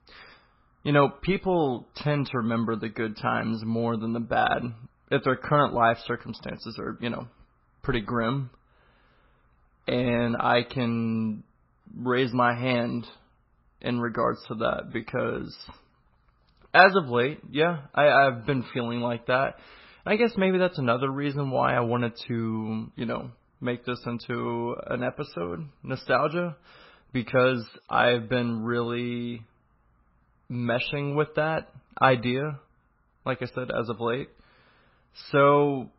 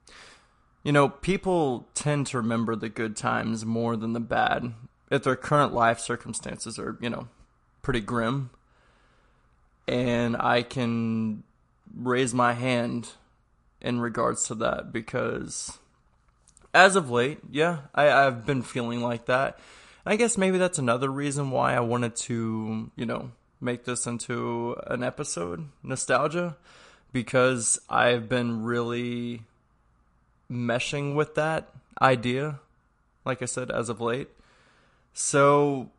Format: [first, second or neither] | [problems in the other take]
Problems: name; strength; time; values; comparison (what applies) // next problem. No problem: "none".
second | garbled, watery; badly; nothing above 5.5 kHz; slightly in the second